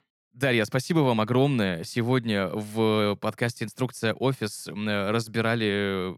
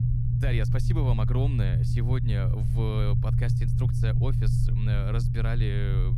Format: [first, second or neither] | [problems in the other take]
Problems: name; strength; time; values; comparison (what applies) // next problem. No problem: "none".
first | low rumble; loud; throughout; as loud as the speech